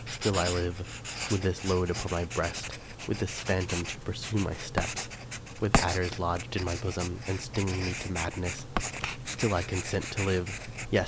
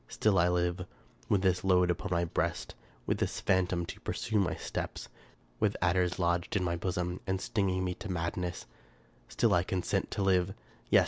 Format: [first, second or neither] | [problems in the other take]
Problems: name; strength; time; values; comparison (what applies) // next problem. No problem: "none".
second | background sound (Writing); 4 dB below the speech